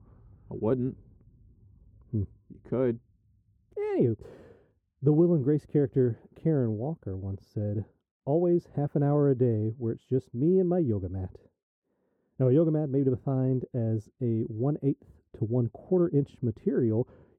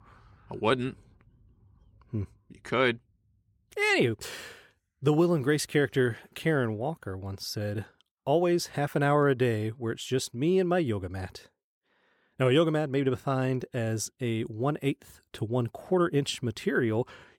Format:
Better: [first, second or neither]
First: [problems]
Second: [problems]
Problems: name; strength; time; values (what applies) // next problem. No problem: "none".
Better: second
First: muffled; very; fading above 1 kHz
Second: none